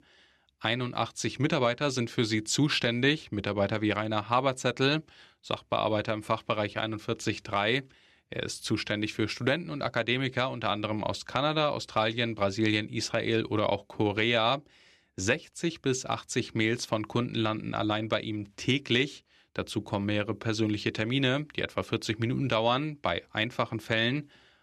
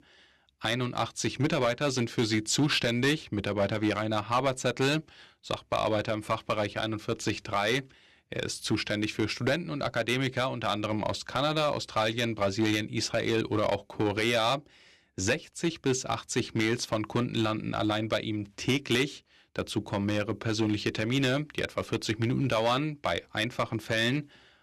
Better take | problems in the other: first | distortion; slight; 4% of the sound clipped

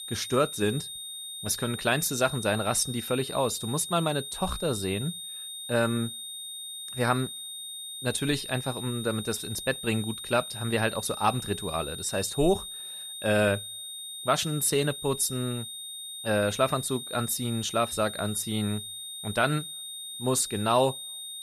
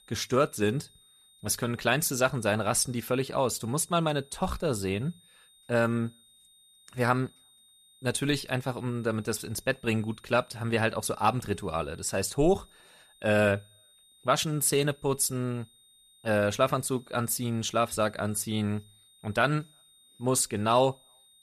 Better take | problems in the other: second | high-pitched whine; loud; throughout; 3.5 kHz, 8 dB below the speech; faint in the second

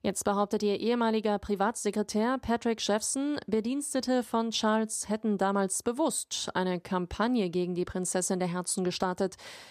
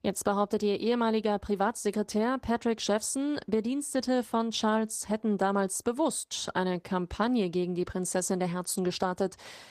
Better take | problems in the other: first | garbled, watery; slightly; nothing above 12 kHz

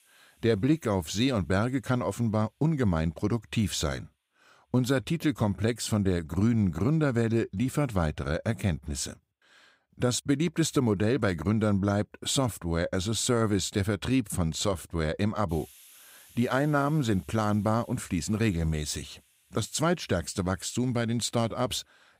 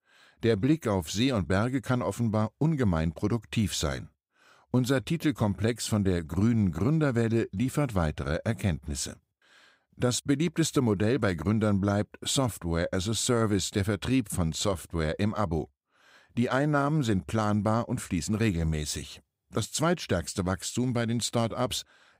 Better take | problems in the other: second | hiss; faint; throughout; 30 dB below the speech

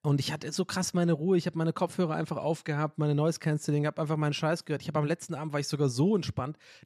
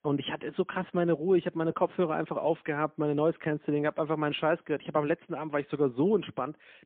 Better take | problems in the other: first | phone-call audio; poor line; nothing above 3 kHz

